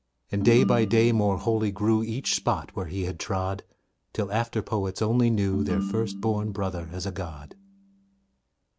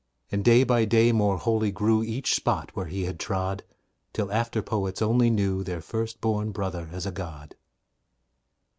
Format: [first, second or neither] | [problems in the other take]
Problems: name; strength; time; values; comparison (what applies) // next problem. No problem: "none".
second | background sound (Ringtone); 8 dB below the speech